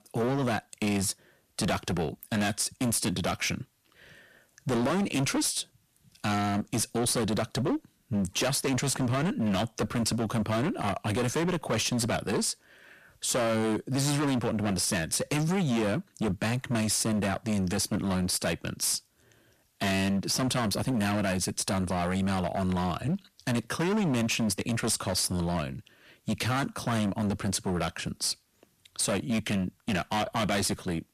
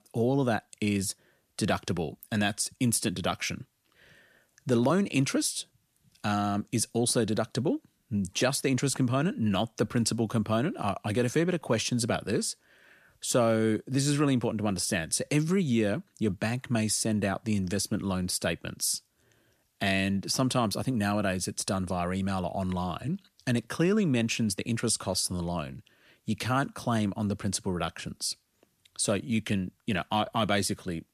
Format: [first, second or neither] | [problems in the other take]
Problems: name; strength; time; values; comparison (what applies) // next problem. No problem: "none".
second | distortion; heavy; 19% of the sound clipped